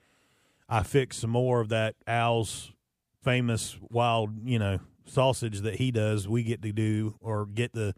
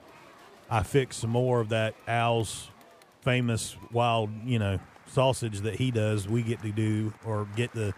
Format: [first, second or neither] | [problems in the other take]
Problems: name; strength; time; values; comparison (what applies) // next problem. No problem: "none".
first | crowd noise; faint; throughout; 25 dB below the speech